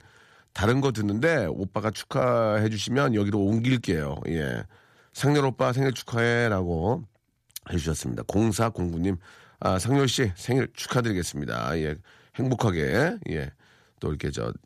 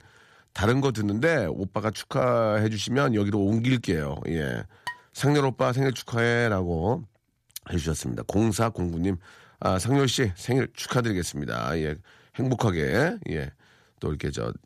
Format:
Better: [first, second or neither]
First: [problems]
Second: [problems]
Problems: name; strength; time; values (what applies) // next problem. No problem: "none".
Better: first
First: none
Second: clattering dishes; faint; at 5 s; peak 10 dB below the speech